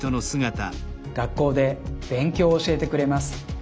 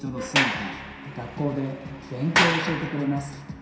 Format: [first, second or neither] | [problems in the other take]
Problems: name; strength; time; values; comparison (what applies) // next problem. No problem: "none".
first | background sound (Sliding door); as loud as the speech // room echo; dies away in 0.7 s